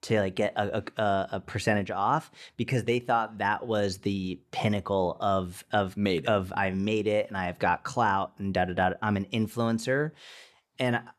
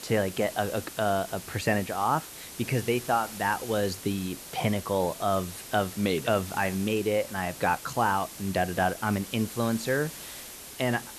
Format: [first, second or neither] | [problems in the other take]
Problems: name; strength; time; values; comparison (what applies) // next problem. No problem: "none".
first | hiss; noticeable; throughout; 10 dB below the speech